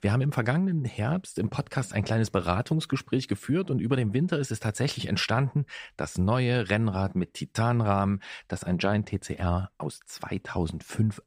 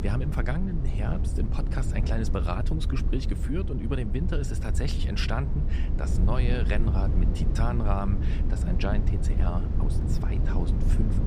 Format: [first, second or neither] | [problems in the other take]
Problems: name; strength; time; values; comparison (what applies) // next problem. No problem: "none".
first | low rumble; loud; throughout; 6 dB below the speech